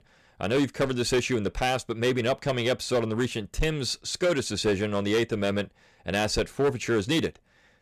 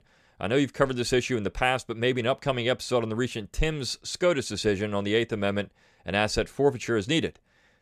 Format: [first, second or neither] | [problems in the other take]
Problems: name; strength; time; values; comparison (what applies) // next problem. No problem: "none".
second | distortion; slight; 7% of the sound clipped